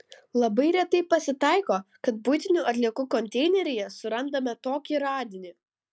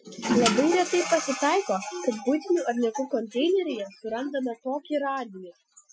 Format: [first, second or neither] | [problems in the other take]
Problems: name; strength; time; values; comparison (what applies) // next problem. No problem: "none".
first | noise reduction (classical method Wiener filter)